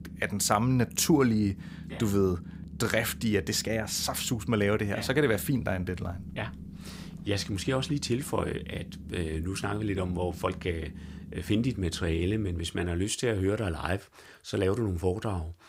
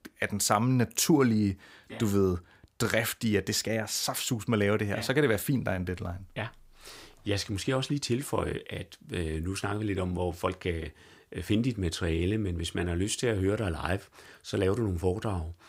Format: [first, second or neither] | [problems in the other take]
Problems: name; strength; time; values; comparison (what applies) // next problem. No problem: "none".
second | low rumble; faint; until 13 s; 20 dB below the speech